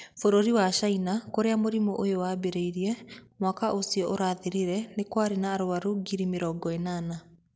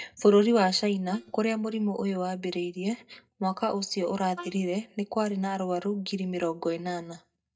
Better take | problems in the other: first | noise reduction (neural mask model DeepFilterNet 3)

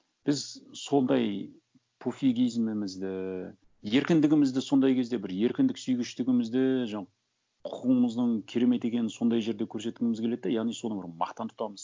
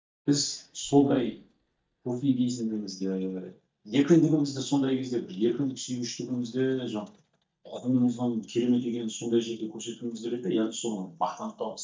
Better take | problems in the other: first | noise reduction (neural mask model DeepFilterNet 3)

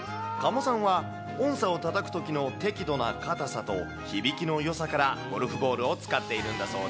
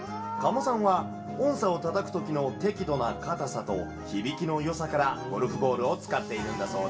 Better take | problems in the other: first | room echo; dies away in 0.2 s

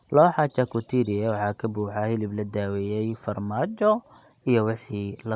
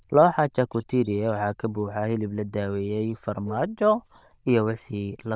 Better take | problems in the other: first | noise reduction (neural diffusion model UNIVERSE++)

